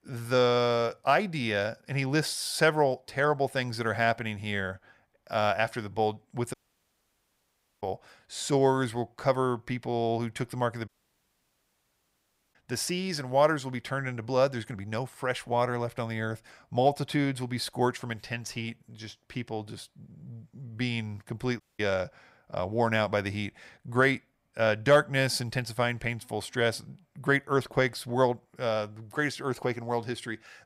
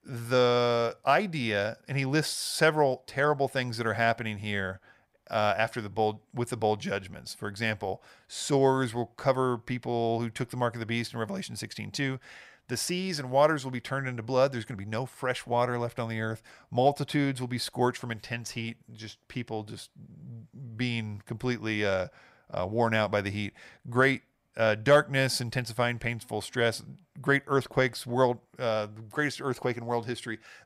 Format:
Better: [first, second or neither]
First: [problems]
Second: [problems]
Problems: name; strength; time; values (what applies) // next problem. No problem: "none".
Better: second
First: audio cutting out; at 6.5 s for 1.5 s, at 11 s for 1.5 s and at 22 s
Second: none